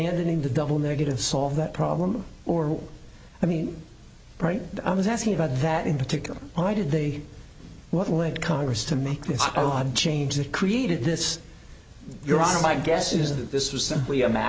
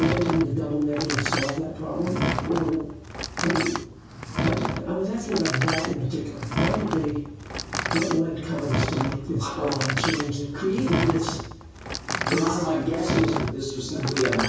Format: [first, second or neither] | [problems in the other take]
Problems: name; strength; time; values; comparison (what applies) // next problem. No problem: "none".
first | background sound (Door); 3 dB below the speech // room echo; dies away in 0.6 s